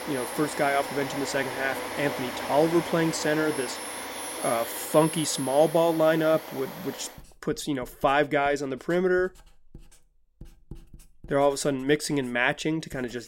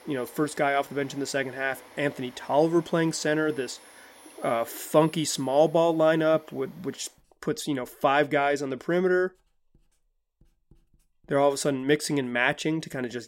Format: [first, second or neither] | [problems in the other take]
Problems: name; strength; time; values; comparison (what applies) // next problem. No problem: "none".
second | household noises; loud; throughout; 8 dB below the speech; faint in the second